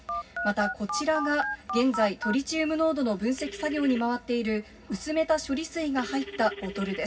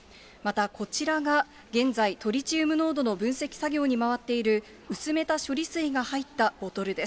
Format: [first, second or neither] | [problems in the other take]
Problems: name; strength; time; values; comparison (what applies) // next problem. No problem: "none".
second | background sound (Telephone); 10 dB below the speech // room echo; dies away in 0.4 s